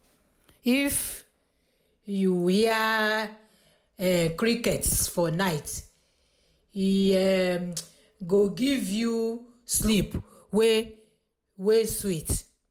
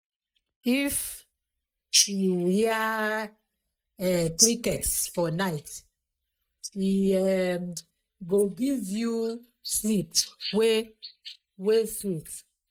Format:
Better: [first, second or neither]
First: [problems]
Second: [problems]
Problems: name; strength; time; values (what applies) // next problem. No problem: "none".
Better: first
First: none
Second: noise reduction (neural mask model DeepFilterNet 3)